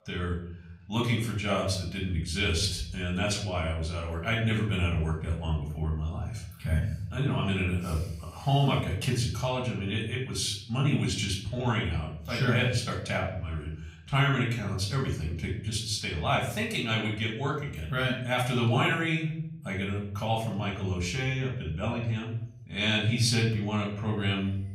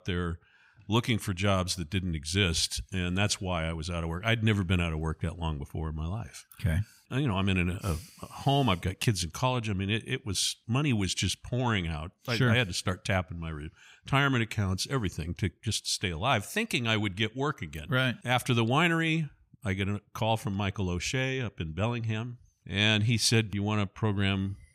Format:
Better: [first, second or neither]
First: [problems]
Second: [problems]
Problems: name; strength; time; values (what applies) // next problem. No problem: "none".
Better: second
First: room echo; slight; dies away in 0.6 s // off-mic speech; far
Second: none